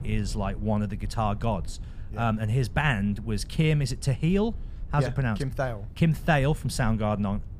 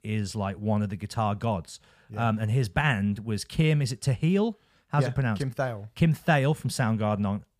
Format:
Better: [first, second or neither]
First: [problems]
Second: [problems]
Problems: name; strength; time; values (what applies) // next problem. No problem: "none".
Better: second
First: low rumble; faint; throughout; 25 dB below the speech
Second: none